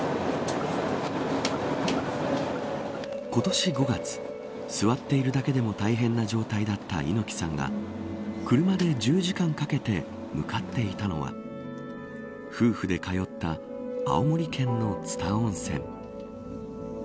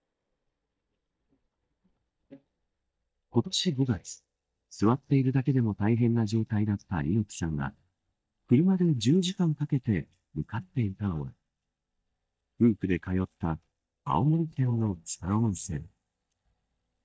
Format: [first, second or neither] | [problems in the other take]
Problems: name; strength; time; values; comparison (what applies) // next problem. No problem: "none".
first | noise reduction (neural mask model DeepFilterNet 3)